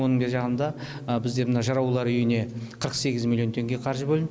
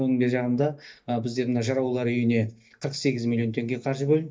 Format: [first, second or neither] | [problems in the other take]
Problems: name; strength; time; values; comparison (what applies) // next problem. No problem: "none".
first | noise reduction (neural mask model DeepFilterNet 3)